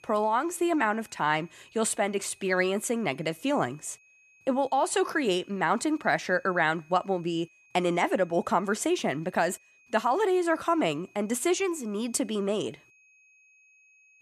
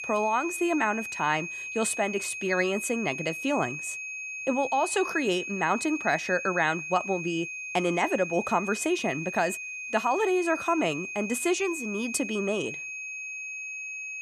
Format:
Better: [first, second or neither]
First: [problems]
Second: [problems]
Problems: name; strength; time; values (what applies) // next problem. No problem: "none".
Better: first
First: high-pitched whine; faint; throughout; 2.5 kHz, 30 dB below the speech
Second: high-pitched whine; loud; throughout; 2.5 kHz, 6 dB below the speech